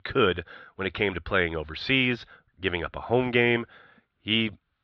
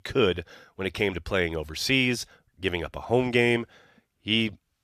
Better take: second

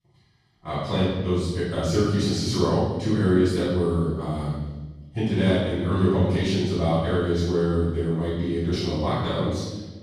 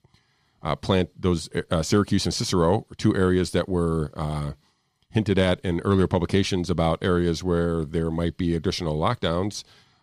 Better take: second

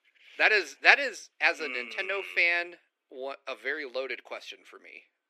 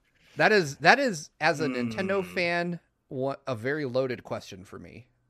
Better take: second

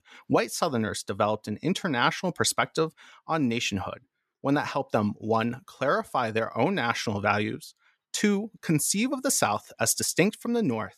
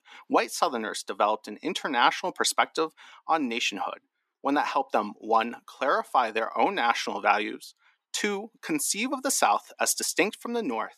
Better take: first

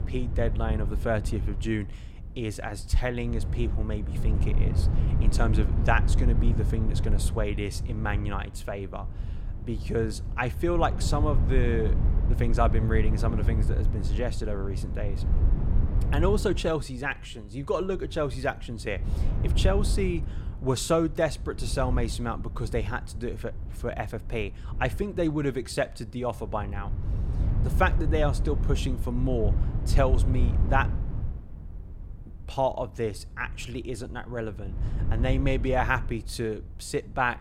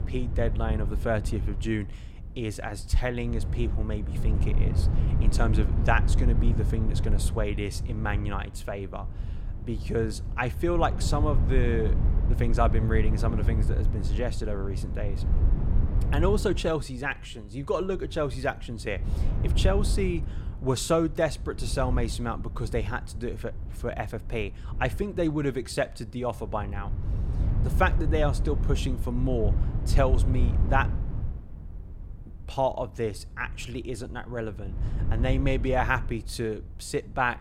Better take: neither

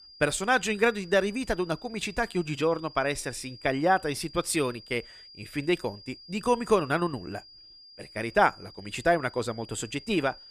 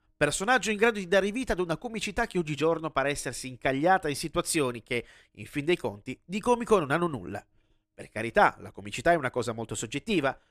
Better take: second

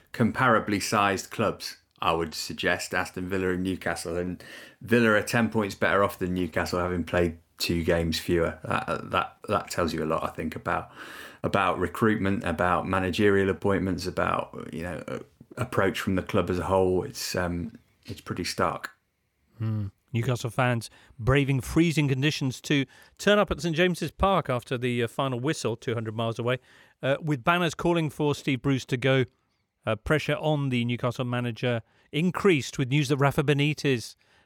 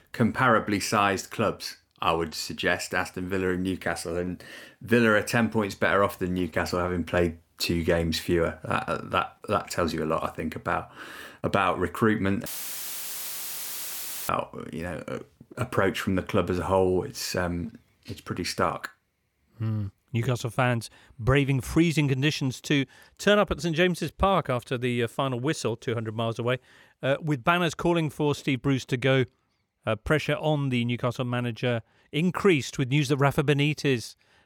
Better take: first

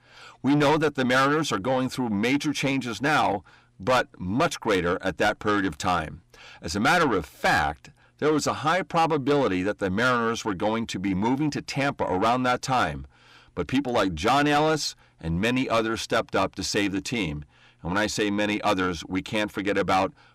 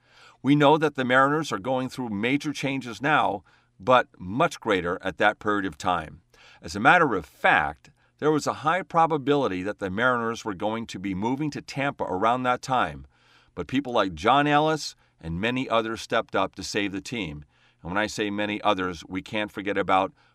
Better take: second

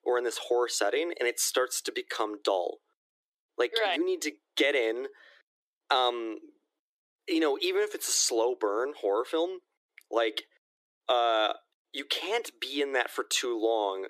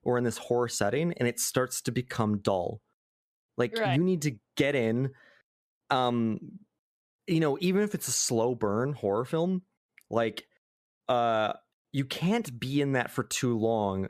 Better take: second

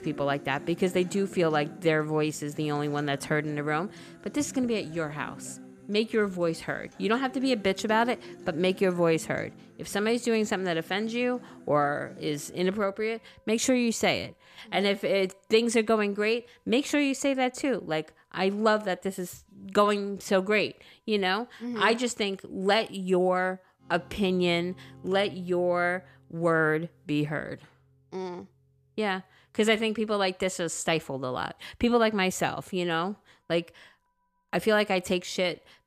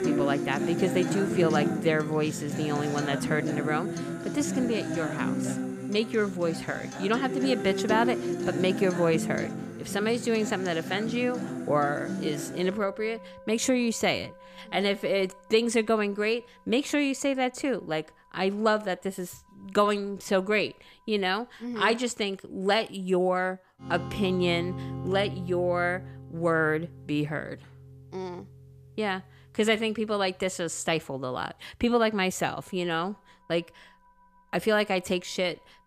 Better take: first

